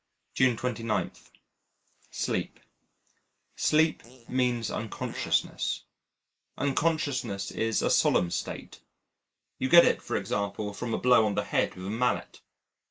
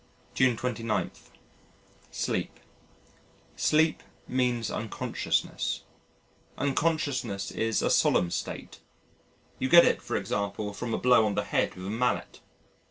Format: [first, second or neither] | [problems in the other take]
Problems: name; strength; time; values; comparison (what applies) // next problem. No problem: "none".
second | noise reduction (neural mask model Resemble Enhance denoiser)